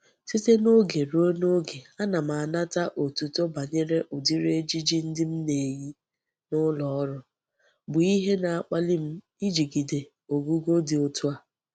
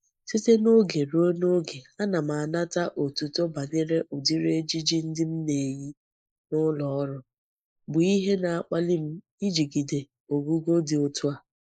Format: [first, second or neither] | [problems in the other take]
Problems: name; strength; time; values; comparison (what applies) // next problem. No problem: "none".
first | noise reduction (neural mask model Resemble Enhance denoiser)